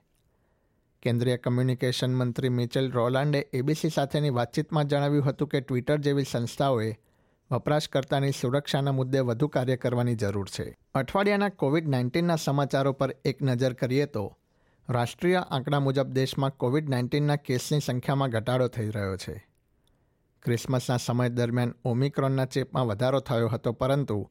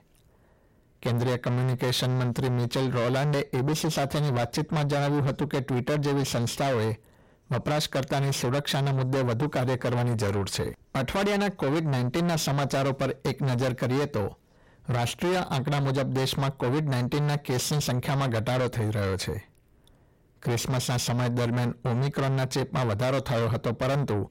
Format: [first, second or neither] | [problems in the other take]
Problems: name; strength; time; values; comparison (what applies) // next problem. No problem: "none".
first | distortion; heavy; 6 dB below the speech